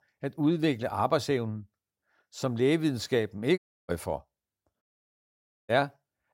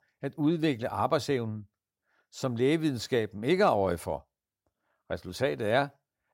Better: second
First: audio cutting out; at 3.5 s and at 5 s for 1 s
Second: none

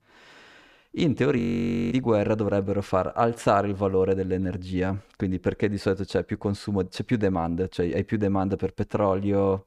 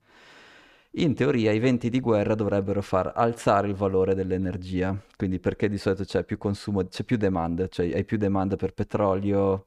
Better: second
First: audio freezing; at 1.5 s for 0.5 s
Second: none

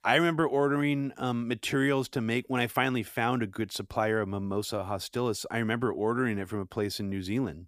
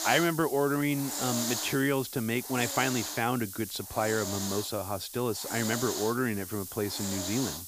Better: first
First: none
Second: hiss; loud; throughout; 5 dB below the speech

